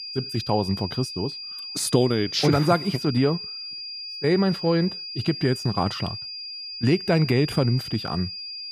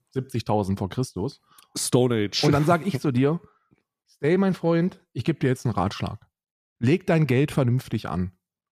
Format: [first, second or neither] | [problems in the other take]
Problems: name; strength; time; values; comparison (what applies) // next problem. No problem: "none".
second | high-pitched whine; loud; throughout; 5 kHz, 8 dB below the speech